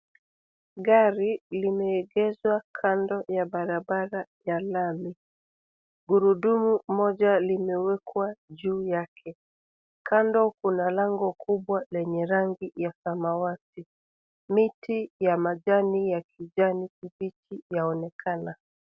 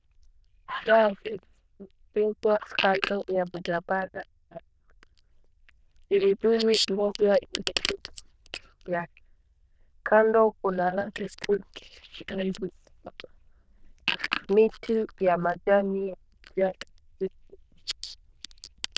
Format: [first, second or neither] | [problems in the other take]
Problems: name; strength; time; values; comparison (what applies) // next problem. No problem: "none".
first | noise reduction (neural diffusion model UNIVERSE++)